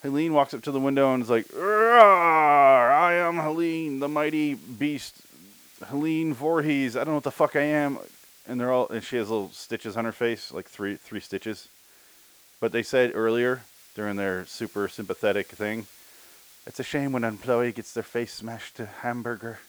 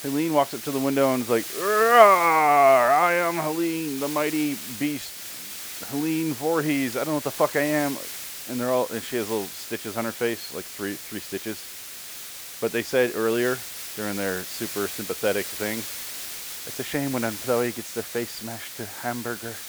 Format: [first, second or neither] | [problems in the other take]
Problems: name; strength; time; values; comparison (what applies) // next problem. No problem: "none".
first | hiss; loud; throughout; 9 dB below the speech; faint in the first